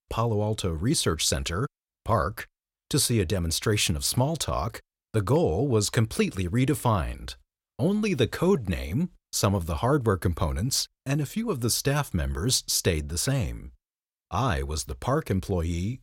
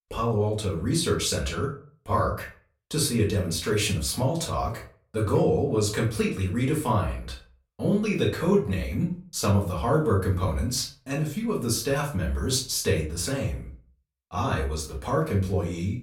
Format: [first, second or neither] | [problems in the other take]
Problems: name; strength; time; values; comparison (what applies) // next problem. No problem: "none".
first | off-mic speech; far // room echo; slight; dies away in 0.3 s